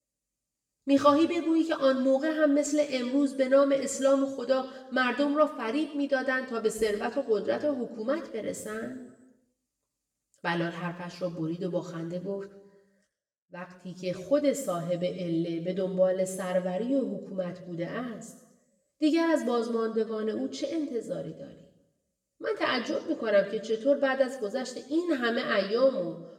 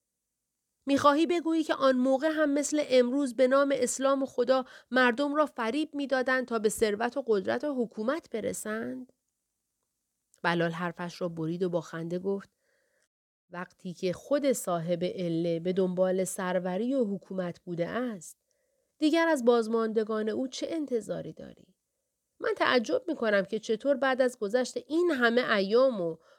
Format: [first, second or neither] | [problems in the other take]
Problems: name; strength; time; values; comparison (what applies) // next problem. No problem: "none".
second | room echo; slight; dies away in 0.8 s // off-mic speech; far